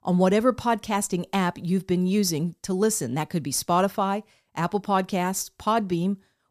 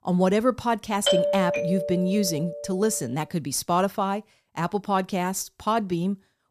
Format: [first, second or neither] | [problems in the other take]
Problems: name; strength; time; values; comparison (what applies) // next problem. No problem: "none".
first | doorbell; loud; from 1 to 2.5 s; peak 4 dB above the speech